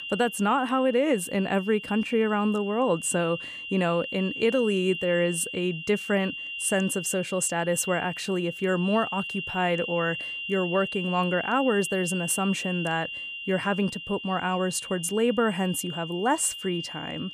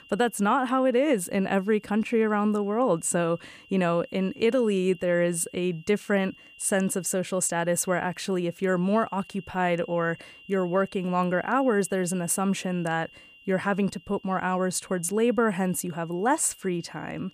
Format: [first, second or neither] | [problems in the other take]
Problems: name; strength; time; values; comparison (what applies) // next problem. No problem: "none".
second | high-pitched whine; loud; throughout; 3 kHz, 7 dB below the speech; faint in the second